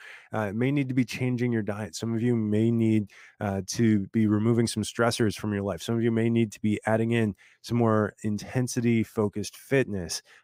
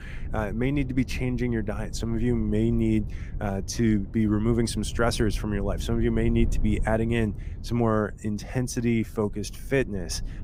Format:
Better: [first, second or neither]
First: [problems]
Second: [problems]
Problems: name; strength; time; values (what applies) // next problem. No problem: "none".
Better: first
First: none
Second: wind noise on the microphone; occasional gusts; 20 dB below the speech